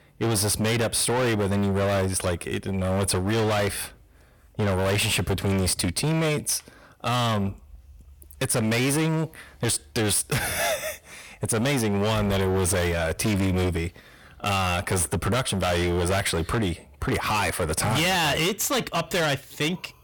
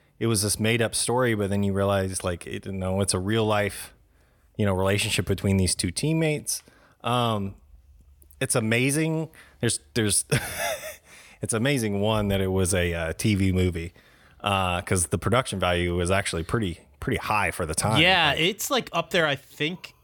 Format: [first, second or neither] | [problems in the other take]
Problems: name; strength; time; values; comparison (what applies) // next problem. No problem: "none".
second | distortion; heavy; 27% of the sound clipped